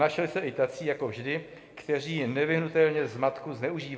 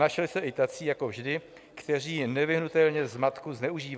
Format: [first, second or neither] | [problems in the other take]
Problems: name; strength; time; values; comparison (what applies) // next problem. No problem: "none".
second | room echo; dies away in 1.7 s